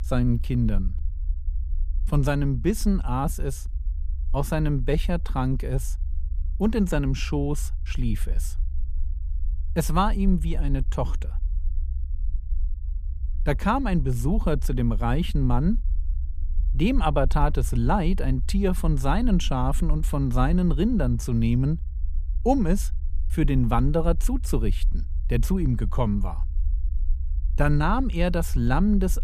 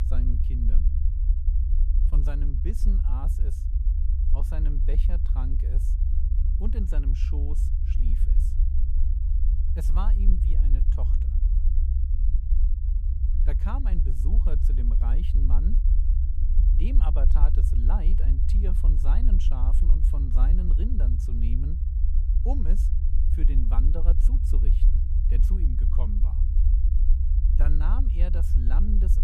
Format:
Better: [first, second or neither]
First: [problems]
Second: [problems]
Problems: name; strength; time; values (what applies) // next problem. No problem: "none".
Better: first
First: low rumble; faint; throughout; 25 dB below the speech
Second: low rumble; loud; throughout; 3 dB below the speech